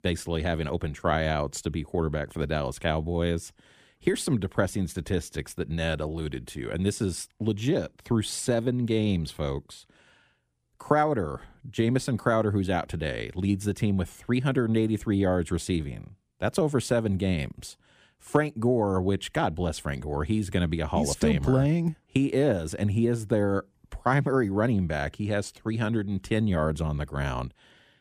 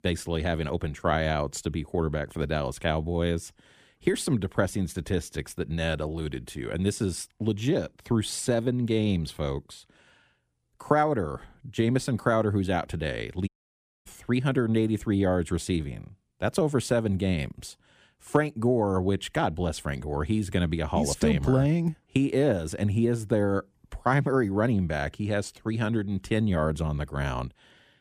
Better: first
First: none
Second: audio cutting out; at 13 s for 0.5 s

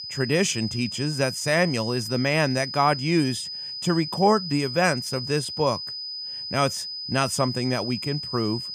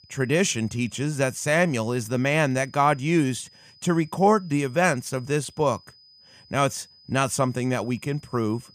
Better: second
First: high-pitched whine; loud; throughout; 5 kHz, 6 dB below the speech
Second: high-pitched whine; faint; throughout; 5 kHz, 25 dB below the speech

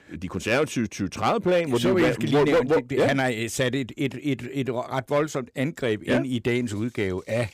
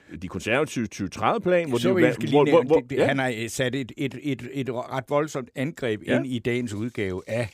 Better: second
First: distortion; slight; 5% of the sound clipped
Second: none

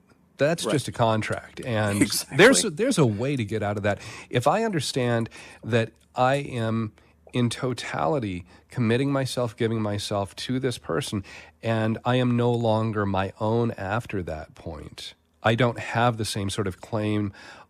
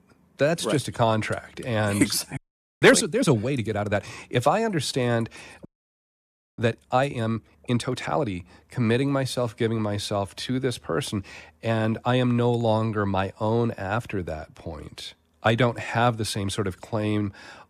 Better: first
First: none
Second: audio freezing; at 2.5 s and at 5.5 s for 1 s

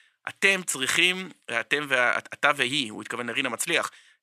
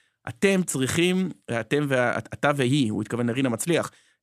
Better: second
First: thin; somewhat; fading below 900 Hz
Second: none

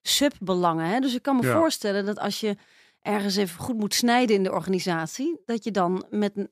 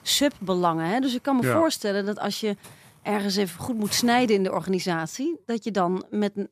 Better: first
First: none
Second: hiss; faint; throughout; 25 dB below the speech

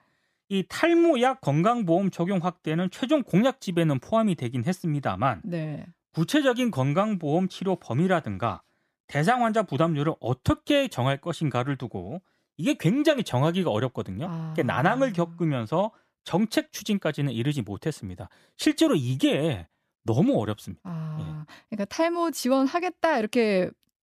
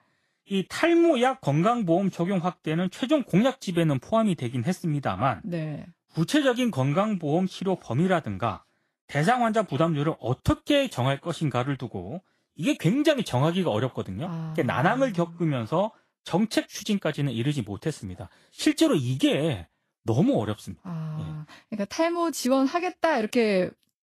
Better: first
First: none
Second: garbled, watery; slightly; nothing above 12.5 kHz

